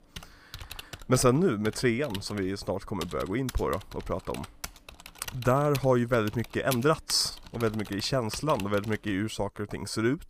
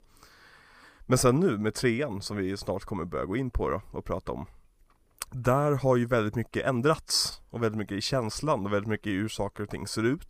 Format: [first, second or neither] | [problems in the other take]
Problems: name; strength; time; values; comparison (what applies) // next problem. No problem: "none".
second | keyboard typing; noticeable; until 9 s; peak 8 dB below the speech